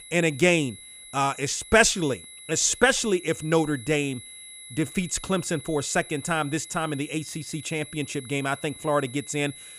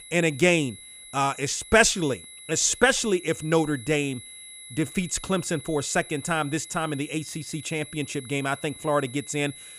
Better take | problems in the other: neither | high-pitched whine; noticeable; throughout; 11 kHz, 15 dB below the speech; the same in both

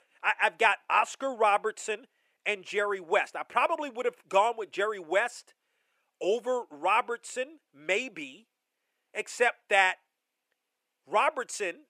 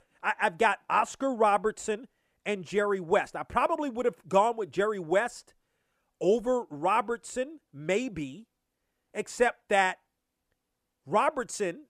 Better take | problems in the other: second | thin; somewhat; fading below 400 Hz

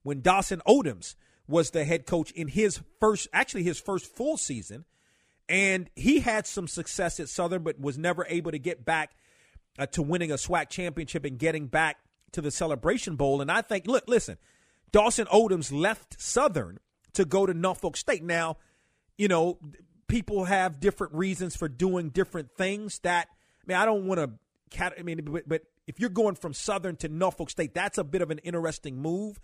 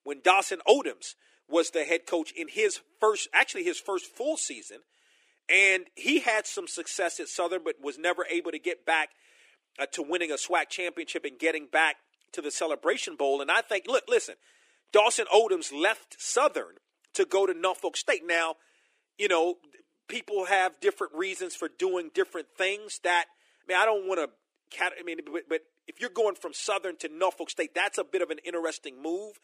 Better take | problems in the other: first | thin; somewhat; fading below 350 Hz

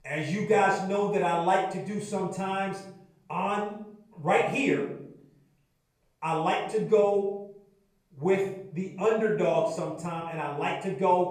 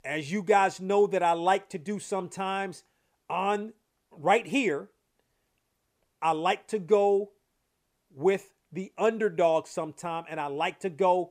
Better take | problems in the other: second | off-mic speech; far // room echo; noticeable; dies away in 0.8 s

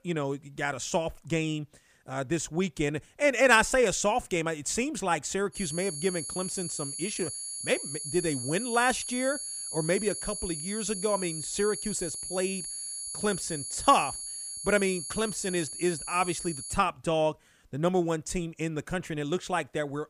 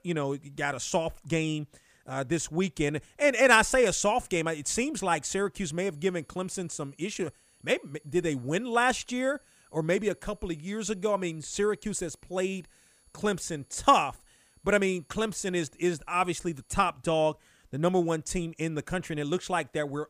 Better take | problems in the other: second | high-pitched whine; loud; from 5.5 to 17 s; 10.5 kHz, 5 dB below the speech; faint in the second

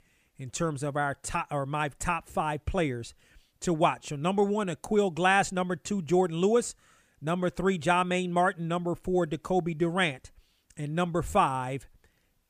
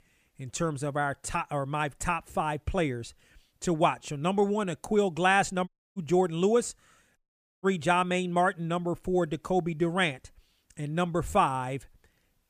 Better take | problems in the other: first | audio cutting out; at 5.5 s and at 7 s

